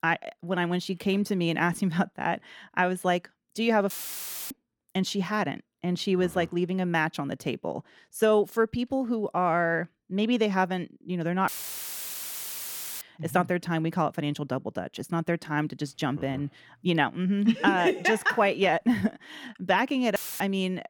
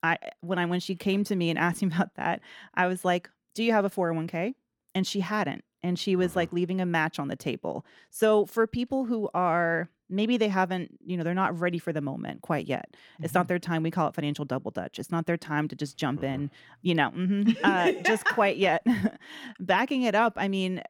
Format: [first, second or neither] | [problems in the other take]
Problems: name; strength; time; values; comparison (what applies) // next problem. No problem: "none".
second | audio cutting out; filled with static; at 4 s for 0.5 s, at 11 s for 1.5 s and at 20 s